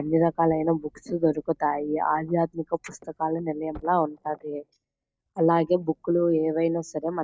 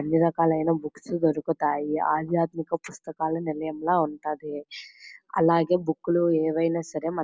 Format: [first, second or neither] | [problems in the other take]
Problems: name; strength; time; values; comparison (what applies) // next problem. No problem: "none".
second | noise reduction (neural mask model DeepFilterNet 3)